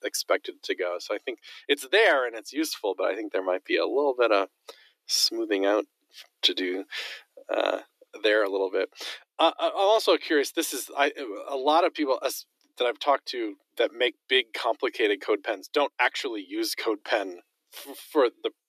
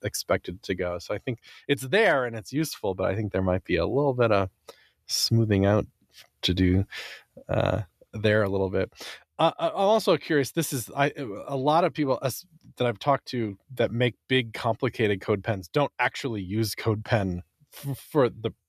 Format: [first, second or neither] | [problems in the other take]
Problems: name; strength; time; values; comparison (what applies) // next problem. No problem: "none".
second | thin; somewhat; fading below 300 Hz